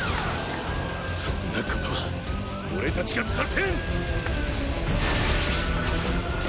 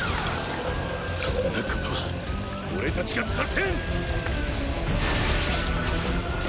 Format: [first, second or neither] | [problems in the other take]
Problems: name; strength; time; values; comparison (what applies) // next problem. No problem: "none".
first | background sound (Liquid); 12 dB below the speech